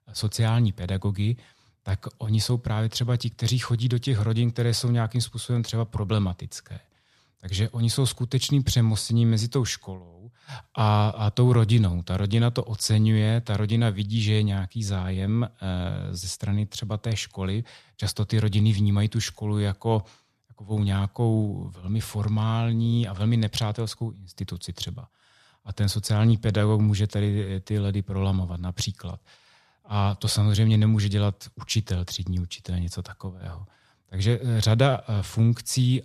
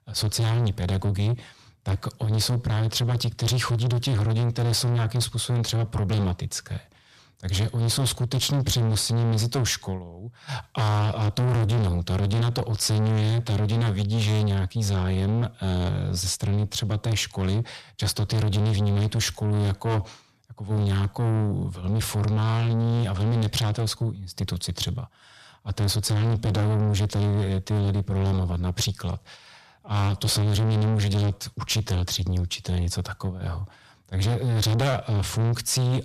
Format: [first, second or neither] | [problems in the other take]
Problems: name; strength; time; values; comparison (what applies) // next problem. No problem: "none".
first | distortion; heavy; 7 dB below the speech